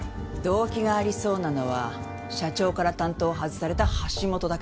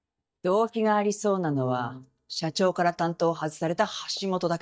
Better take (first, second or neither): first